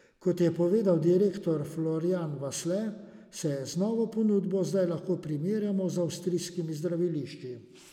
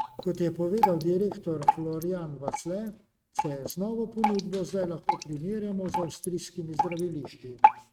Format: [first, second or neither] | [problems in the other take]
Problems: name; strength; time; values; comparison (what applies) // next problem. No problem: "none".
first | noise reduction (neural mask model RNNoise)